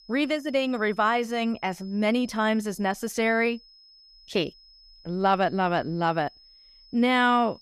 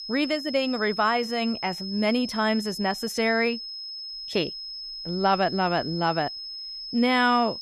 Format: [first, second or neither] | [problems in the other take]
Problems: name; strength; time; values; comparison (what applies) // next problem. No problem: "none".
first | high-pitched whine; loud; throughout; 5 kHz, 8 dB below the speech; faint in the first